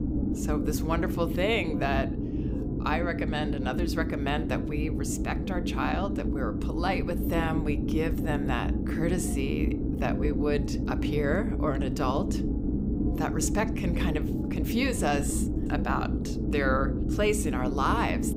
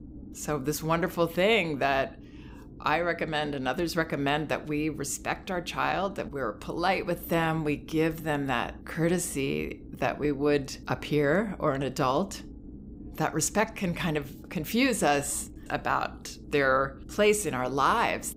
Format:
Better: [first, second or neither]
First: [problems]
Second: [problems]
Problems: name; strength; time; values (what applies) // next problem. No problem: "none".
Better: second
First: low rumble; loud; throughout; 5 dB below the speech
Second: low rumble; faint; throughout; 25 dB below the speech